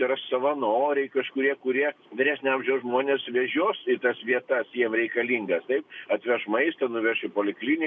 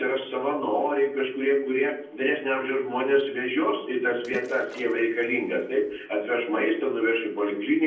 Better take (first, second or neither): first